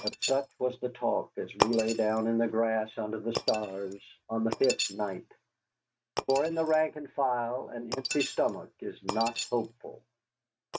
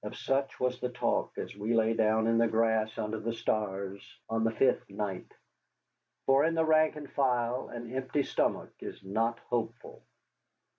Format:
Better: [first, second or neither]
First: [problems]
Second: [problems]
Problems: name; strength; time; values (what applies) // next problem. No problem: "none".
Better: second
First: noise reduction (neural mask model RNNoise)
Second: none